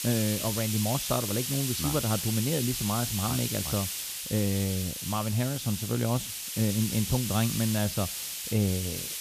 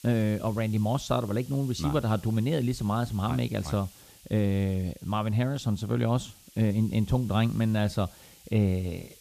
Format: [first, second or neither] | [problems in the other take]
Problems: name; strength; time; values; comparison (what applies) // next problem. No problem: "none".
second | hiss; loud; throughout; 2 dB below the speech; faint in the second